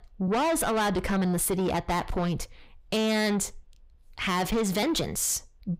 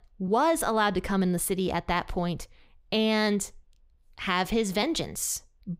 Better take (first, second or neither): second